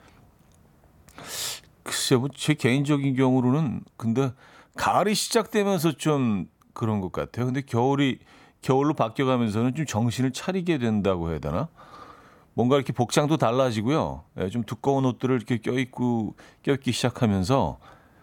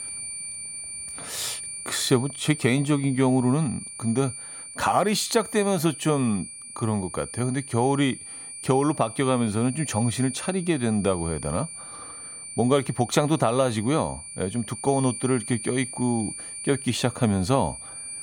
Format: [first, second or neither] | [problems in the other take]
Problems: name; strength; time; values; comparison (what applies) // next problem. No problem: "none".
first | high-pitched whine; noticeable; throughout; 9 kHz, 10 dB below the speech